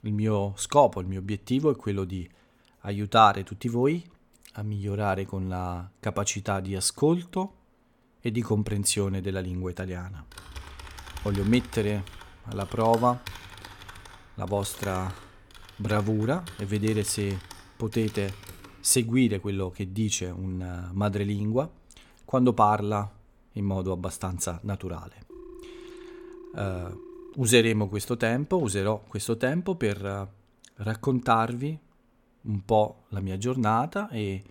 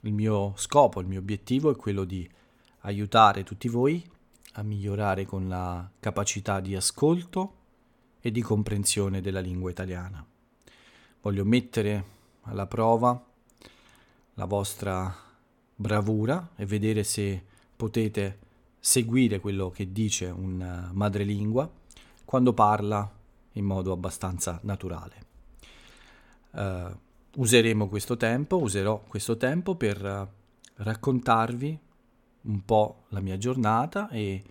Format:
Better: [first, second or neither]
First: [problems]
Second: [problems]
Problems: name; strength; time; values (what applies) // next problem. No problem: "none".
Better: second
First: keyboard typing; faint; from 10 to 19 s; peak 10 dB below the speech // phone ringing; faint; from 25 to 27 s; peak 15 dB below the speech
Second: none